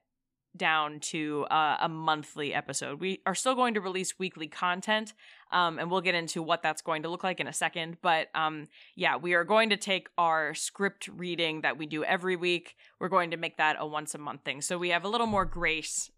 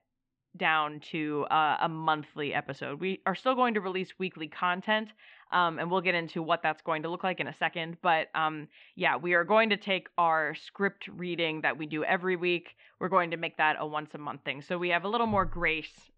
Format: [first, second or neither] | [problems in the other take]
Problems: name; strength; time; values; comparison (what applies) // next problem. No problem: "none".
first | muffled; very; fading above 3 kHz